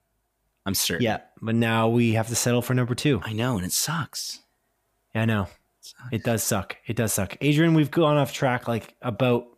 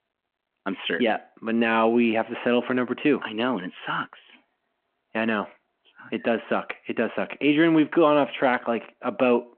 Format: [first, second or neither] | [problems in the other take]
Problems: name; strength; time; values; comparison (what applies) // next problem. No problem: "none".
first | phone-call audio